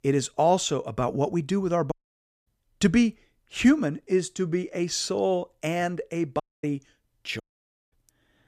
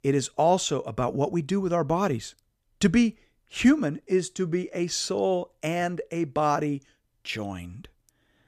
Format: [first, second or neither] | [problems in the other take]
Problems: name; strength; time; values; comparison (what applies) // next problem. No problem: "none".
second | audio cutting out; at 2 s for 0.5 s, at 6.5 s and at 7.5 s for 0.5 s